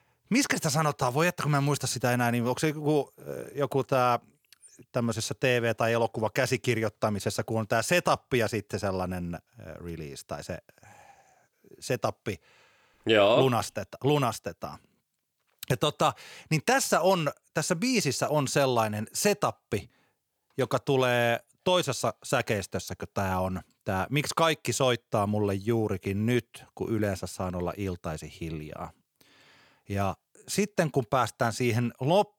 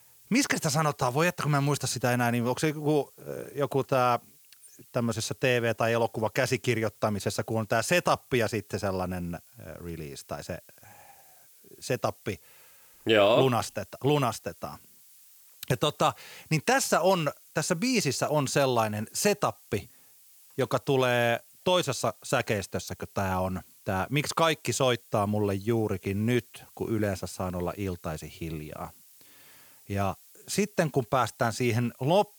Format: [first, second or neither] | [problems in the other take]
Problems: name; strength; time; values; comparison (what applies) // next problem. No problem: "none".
first | hiss; faint; throughout; 25 dB below the speech